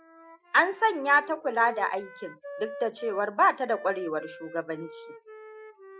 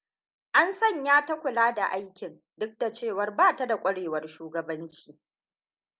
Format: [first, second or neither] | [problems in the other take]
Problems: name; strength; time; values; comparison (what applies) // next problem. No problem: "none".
second | noise reduction (classical method Wiener filter)